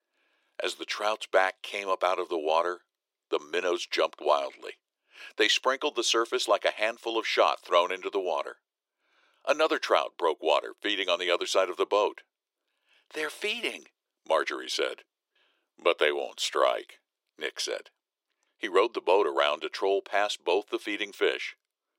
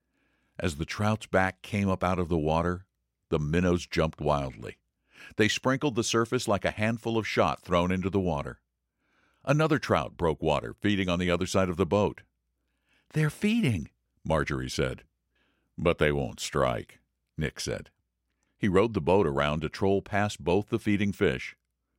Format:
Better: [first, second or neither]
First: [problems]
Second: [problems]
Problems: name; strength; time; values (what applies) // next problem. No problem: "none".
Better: second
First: thin; very; fading below 350 Hz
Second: none